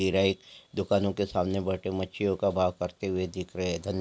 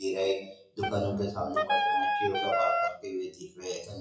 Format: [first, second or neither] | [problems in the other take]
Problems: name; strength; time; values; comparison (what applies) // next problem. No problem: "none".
first | noise reduction (classical method WPE with log-MMSE)